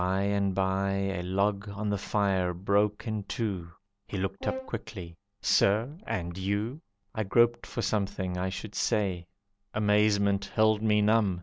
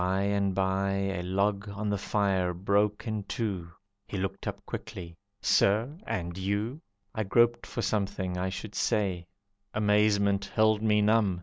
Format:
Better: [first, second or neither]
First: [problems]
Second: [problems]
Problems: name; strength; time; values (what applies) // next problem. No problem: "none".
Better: second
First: background sound (Brass instrument); 14 dB below the speech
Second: none